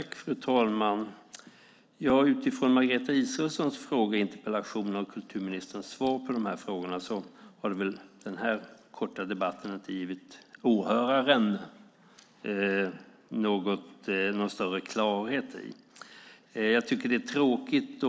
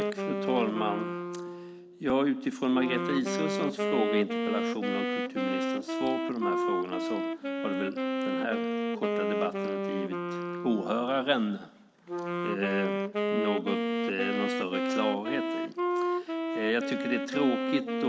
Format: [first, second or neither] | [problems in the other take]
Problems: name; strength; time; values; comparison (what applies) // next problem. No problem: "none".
first | background sound (Wind instrument, woodwind instrument); 1 dB above the speech